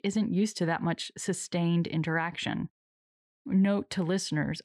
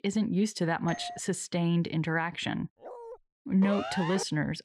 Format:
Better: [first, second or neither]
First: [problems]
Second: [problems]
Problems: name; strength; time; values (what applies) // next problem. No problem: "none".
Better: first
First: none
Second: doorbell; faint; at 1 s; peak 10 dB below the speech // dog barking; faint; at 3 s; peak 15 dB below the speech // siren; noticeable; at 3.5 s; peak 6 dB below the speech